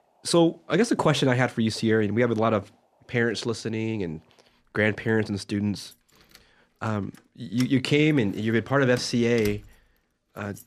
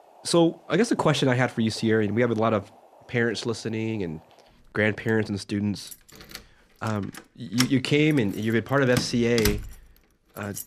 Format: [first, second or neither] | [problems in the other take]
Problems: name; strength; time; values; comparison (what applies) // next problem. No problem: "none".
first | household noises; loud; throughout; 9 dB below the speech; faint in the first